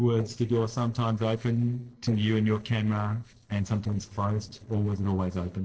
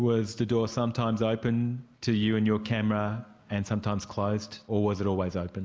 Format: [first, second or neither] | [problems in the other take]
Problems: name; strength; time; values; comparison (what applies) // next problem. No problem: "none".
second | noise reduction (neural separator model SepFormer DNS4)